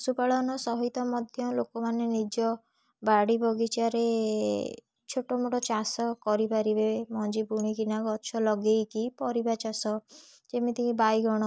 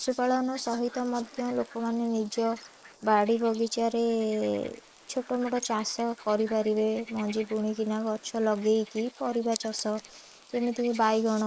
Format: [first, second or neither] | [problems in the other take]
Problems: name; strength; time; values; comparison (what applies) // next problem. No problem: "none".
first | noise reduction (neural mask model Resemble Enhance denoiser)